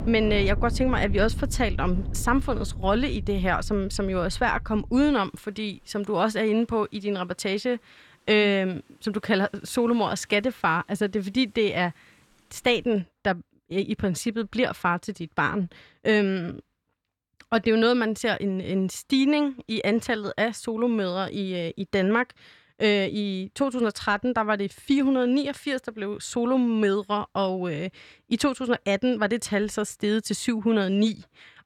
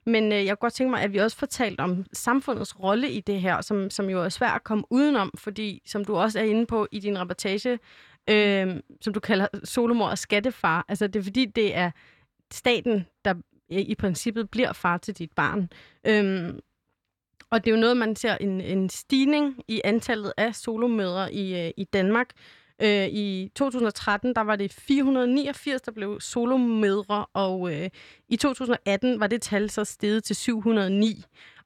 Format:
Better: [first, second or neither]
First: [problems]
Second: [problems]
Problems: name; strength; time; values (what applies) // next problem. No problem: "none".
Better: second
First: rain or running water; loud; until 13 s; 9 dB below the speech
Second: none